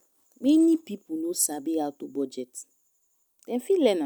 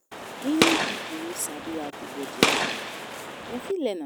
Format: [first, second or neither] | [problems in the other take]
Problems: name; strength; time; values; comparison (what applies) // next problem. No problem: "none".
first | background sound (Gunshot, gunfire); 4 dB above the speech